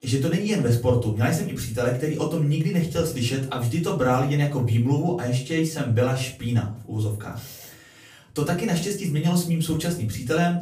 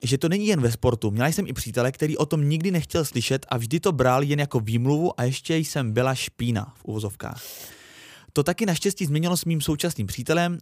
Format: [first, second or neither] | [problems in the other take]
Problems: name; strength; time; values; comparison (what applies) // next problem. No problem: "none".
second | off-mic speech; far // room echo; slight; dies away in 0.4 s